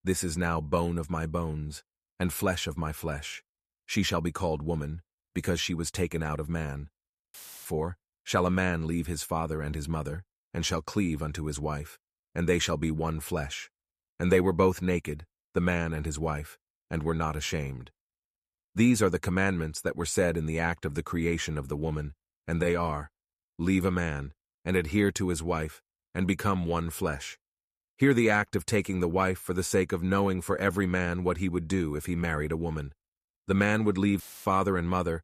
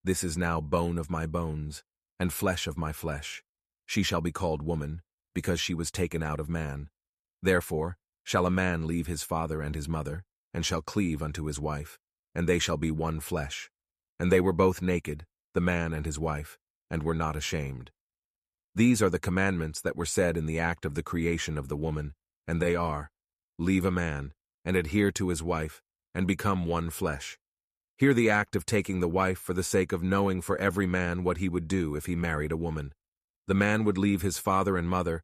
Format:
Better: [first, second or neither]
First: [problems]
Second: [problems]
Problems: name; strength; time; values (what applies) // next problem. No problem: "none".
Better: second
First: audio cutting out; filled with static; at 7.5 s and at 34 s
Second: none